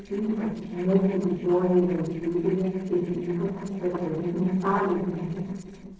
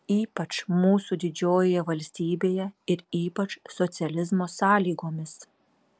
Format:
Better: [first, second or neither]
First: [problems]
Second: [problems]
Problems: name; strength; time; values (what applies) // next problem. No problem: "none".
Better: second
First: noise reduction (neural separator model SepFormer DNS4)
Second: none